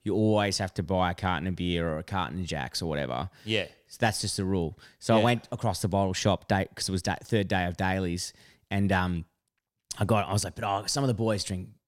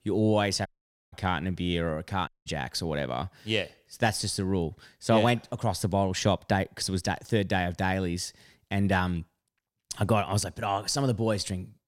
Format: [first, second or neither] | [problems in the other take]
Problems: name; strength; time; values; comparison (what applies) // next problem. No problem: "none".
first | audio cutting out; at 0.5 s and at 2.5 s